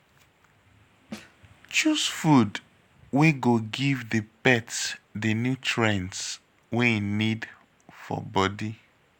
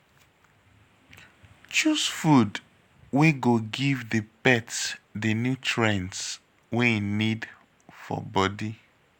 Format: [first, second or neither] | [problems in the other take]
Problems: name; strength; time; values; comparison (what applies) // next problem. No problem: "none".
second | background sound (Snare drum); 17 dB below the speech